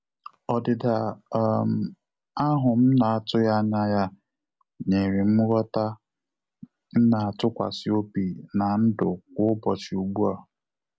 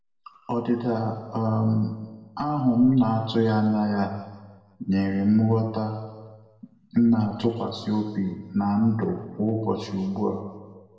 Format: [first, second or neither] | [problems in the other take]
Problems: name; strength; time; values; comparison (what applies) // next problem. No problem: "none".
first | room echo; dies away in 1.3 s